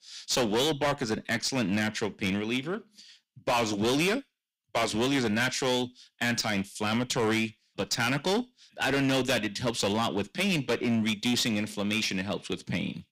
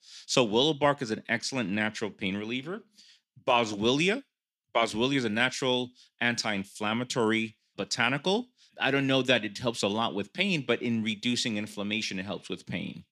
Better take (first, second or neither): second